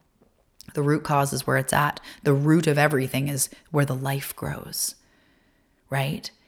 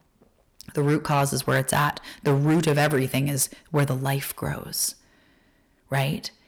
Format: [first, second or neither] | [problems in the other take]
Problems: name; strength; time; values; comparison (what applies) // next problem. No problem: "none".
first | distortion; slight; 5% of the sound clipped